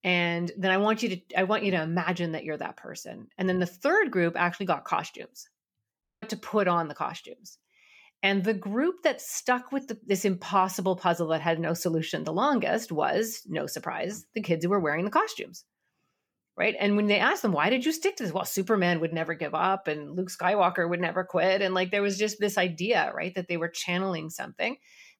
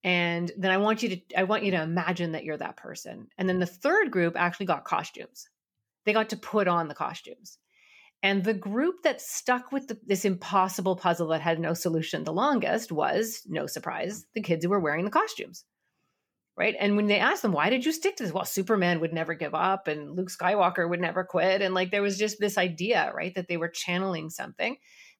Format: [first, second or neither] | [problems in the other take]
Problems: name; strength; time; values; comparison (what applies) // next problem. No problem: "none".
second | audio cutting out; at 6 s